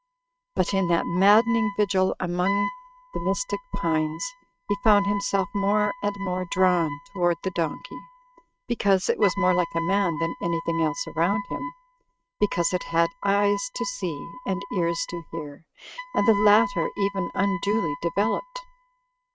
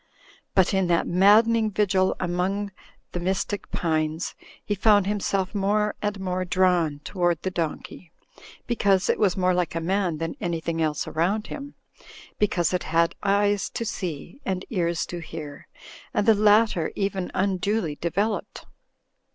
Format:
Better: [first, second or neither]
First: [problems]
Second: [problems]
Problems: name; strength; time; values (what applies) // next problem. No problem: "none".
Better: second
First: noise reduction (neural mask model RNNoise)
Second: none